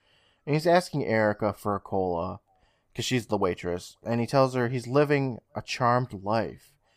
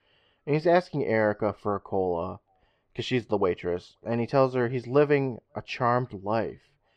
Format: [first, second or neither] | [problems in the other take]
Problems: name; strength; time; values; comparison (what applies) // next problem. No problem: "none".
first | muffled; very slightly; fading above 3 kHz